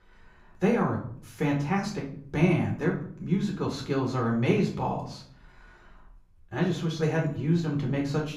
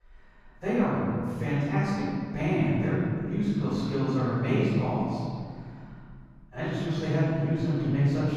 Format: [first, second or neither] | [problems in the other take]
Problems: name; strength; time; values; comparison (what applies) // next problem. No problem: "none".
first | room echo; strong; dies away in 2.2 s; slight in the first // off-mic speech; far; far in the first